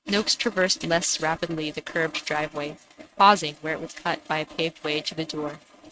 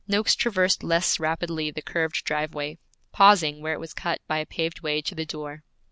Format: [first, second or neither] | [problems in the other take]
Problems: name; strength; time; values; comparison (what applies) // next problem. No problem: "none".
second | noise reduction (neural mask model RNNoise)